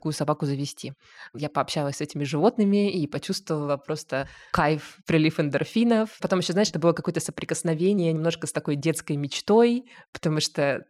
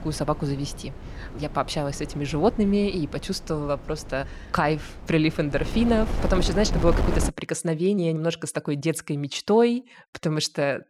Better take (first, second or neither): first